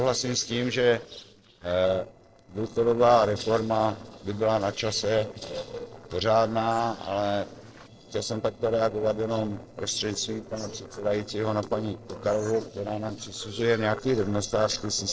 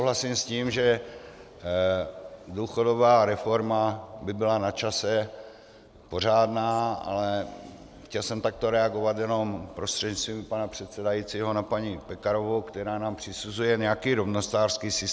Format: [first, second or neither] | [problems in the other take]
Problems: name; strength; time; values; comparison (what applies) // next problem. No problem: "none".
second | noise reduction (neural separator model SepFormer DNS4)